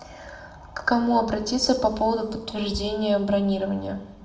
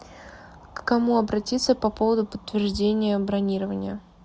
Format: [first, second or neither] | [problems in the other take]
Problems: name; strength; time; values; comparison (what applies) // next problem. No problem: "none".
second | room echo; dies away in 0.9 s